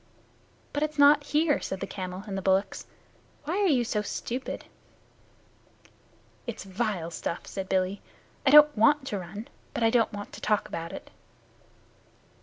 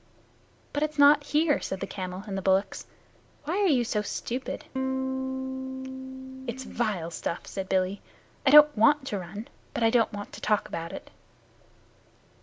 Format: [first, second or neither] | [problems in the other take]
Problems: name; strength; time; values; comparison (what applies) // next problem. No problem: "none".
first | background sound (Electric guitar / Strum); 3 dB below the speech